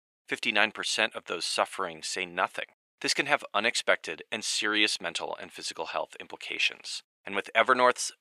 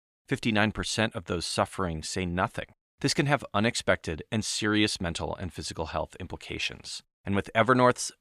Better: second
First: thin; somewhat; fading below 450 Hz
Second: none

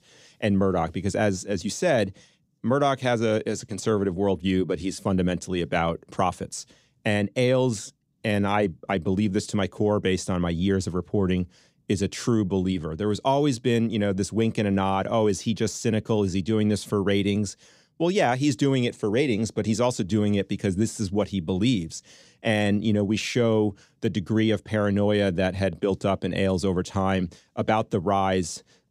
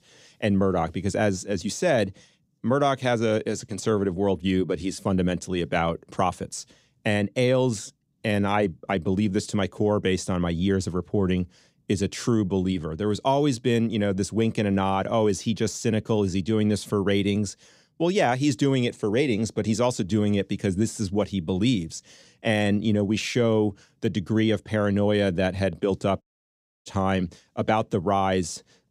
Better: first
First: none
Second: audio cutting out; at 26 s for 0.5 s

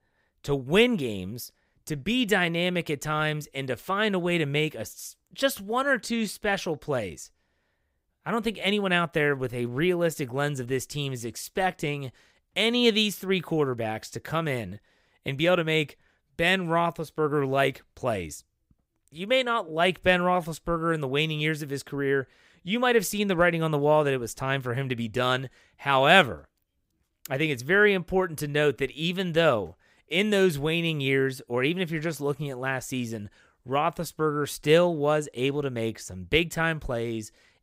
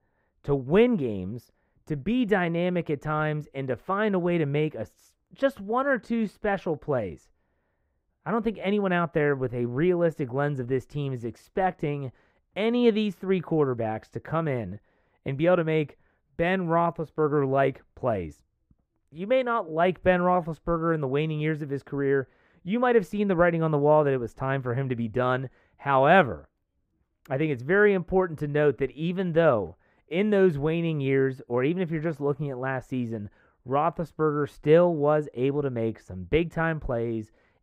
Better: first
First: none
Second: muffled; very; fading above 2.5 kHz

